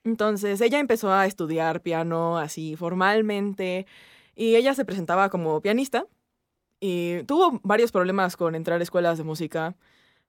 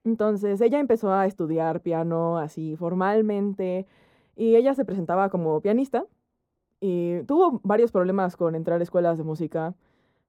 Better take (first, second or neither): first